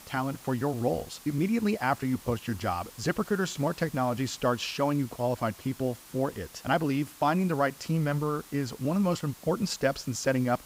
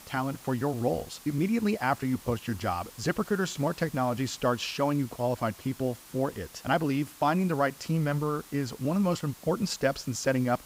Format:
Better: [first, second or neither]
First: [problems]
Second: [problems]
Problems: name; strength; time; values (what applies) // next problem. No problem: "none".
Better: neither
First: hiss; noticeable; throughout; 20 dB below the speech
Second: hiss; noticeable; throughout; 20 dB below the speech